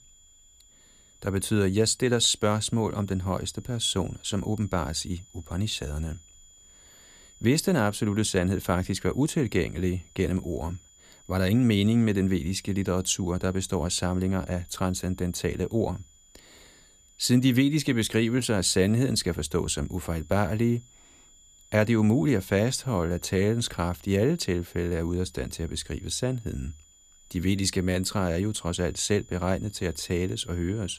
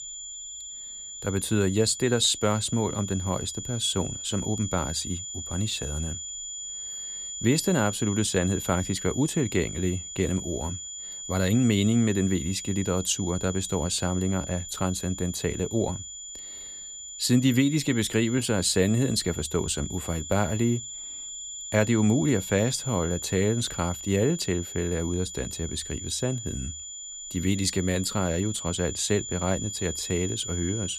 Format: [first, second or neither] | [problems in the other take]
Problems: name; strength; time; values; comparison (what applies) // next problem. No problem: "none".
first | high-pitched whine; loud; throughout; 7 kHz, 8 dB below the speech; faint in the first